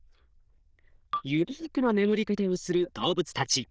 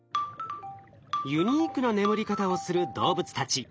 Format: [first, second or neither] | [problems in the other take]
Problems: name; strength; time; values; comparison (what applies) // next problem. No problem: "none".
second | noise reduction (neural diffusion model UNIVERSE++)